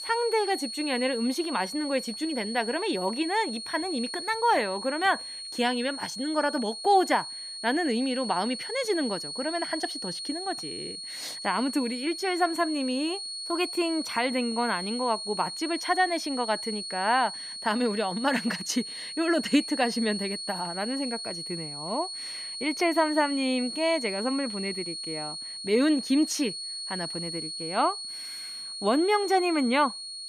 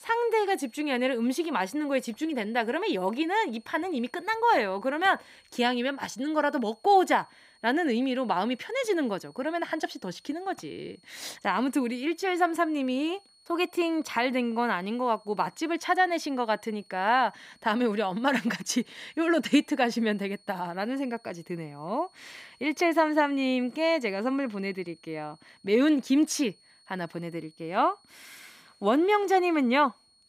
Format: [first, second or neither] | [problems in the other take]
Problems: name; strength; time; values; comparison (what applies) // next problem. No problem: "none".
second | high-pitched whine; loud; throughout; 4.5 kHz, 6 dB below the speech; faint in the second